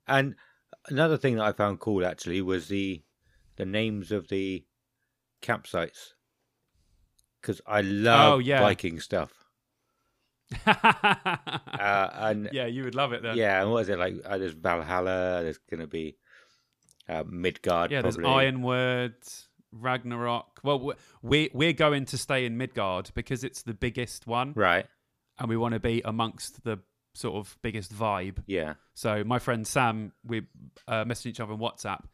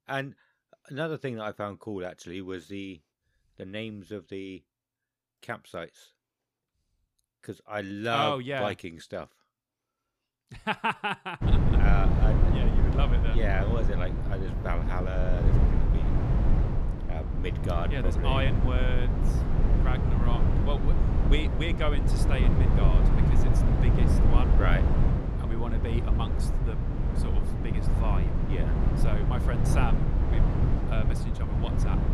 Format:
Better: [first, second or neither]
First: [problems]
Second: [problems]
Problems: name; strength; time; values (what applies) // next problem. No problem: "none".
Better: first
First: none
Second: low rumble; loud; from 11 s on; 3 dB below the speech